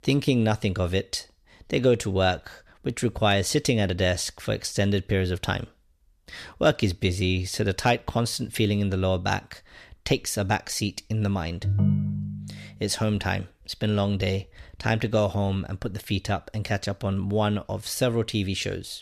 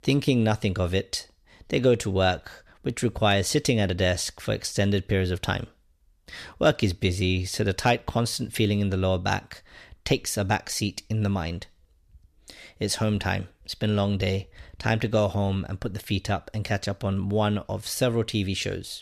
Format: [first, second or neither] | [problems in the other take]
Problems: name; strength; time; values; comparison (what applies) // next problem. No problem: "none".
second | phone ringing; loud; at 12 s; peak 3 dB above the speech